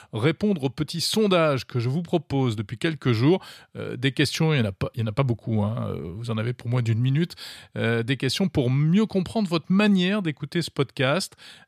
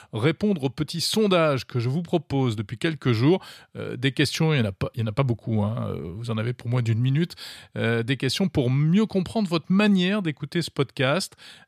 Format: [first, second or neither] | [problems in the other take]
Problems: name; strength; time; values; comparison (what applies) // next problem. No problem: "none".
neither | none